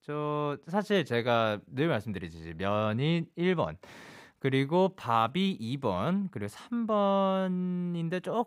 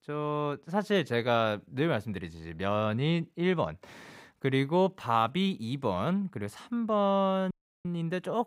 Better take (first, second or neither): first